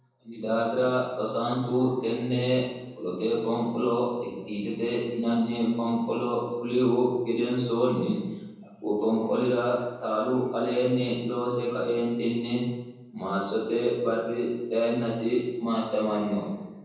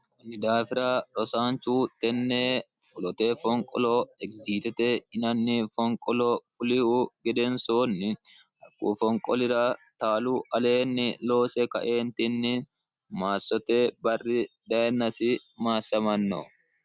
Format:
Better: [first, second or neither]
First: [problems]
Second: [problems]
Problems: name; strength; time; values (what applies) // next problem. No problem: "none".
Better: second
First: room echo; dies away in 1.1 s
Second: none